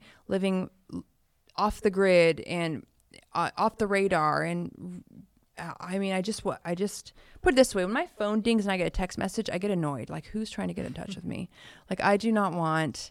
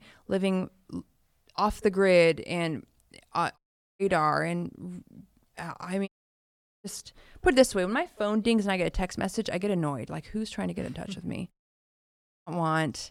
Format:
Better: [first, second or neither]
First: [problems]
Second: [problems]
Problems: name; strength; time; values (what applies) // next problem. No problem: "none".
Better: first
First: none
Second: audio cutting out; at 3.5 s, at 6 s for 1 s and at 12 s for 1 s